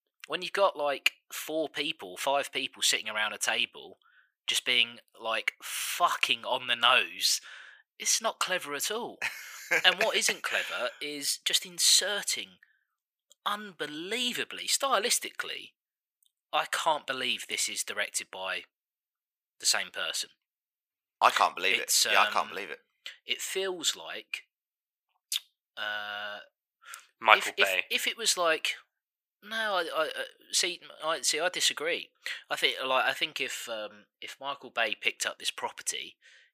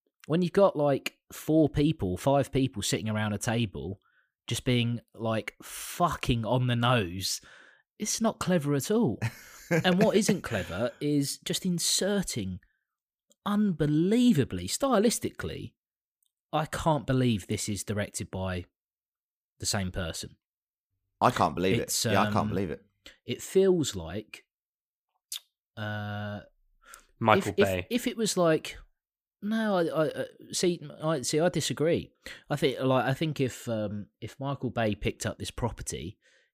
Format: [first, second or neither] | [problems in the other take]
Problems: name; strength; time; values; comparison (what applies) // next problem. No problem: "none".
second | thin; very; fading below 850 Hz